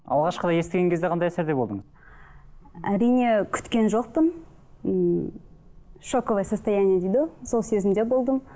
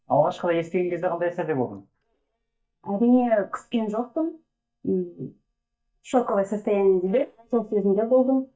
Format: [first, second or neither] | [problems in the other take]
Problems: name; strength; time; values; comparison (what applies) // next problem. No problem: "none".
first | noise reduction (neural mask model DeepFilterNet 3)